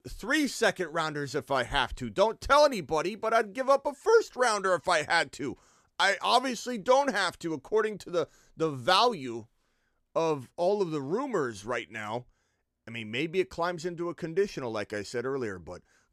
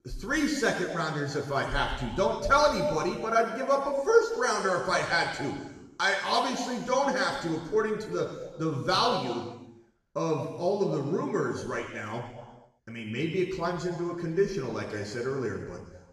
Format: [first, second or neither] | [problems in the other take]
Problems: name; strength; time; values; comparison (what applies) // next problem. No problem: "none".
first | room echo; noticeable; dies away in 1.1 s // off-mic speech; far